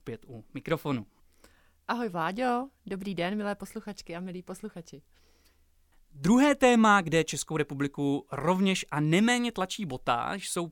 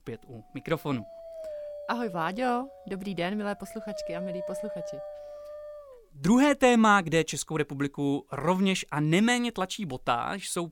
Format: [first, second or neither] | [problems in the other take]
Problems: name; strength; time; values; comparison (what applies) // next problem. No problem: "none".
first | dog barking; noticeable; from 1 to 6 s; peak 9 dB below the speech